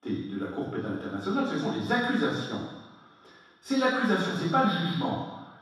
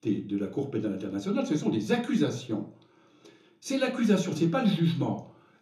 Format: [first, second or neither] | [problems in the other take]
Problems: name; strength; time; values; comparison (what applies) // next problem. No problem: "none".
second | room echo; strong; dies away in 1.2 s; slight in the second // off-mic speech; far; somewhat distant in the second